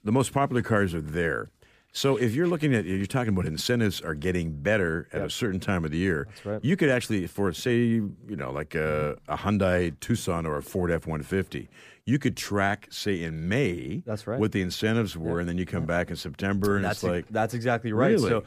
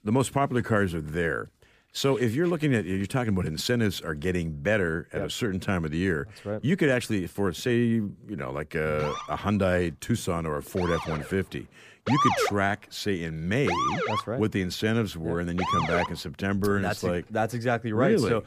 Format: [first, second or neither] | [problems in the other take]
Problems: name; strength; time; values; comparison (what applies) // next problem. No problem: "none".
first | siren; loud; from 9 to 16 s; peak 3 dB above the speech